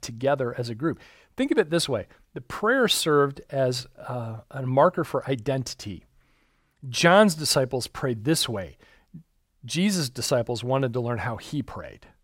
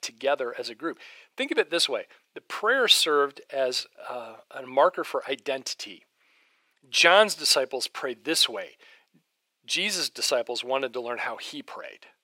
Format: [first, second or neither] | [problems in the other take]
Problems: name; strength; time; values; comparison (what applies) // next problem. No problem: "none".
first | thin; somewhat; fading below 350 Hz